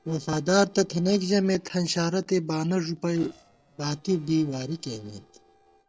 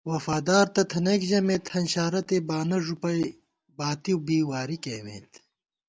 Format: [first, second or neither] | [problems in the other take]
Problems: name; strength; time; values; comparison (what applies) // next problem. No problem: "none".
second | noise reduction (neural separator model SepFormer DNS4)